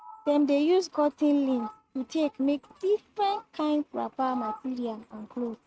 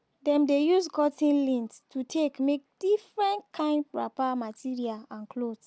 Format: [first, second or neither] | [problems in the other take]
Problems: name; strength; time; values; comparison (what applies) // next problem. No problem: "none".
second | noise reduction (neural mask model RNNoise)